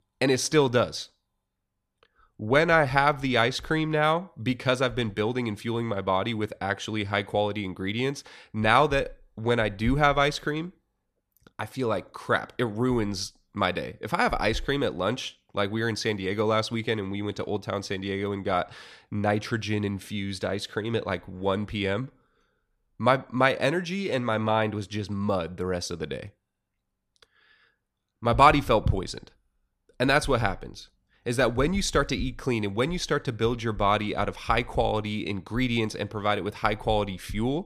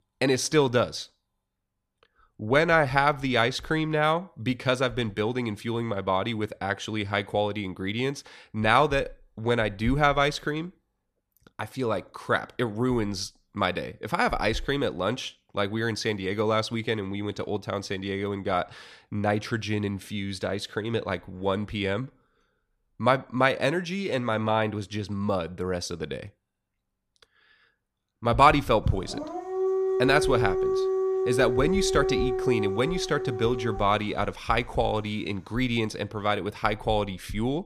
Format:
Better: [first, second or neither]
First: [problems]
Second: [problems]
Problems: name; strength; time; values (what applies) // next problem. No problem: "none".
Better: first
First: none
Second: dog barking; loud; from 29 to 34 s; peak 1 dB above the speech